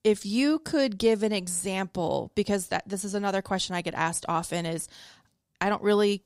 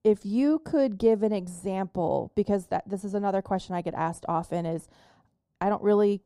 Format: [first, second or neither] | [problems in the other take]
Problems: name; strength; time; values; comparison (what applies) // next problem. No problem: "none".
first | muffled; very; fading above 1.5 kHz